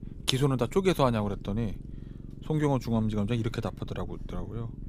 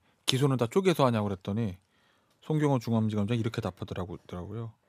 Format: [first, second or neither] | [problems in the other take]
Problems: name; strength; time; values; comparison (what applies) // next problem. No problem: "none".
second | low rumble; faint; throughout; 20 dB below the speech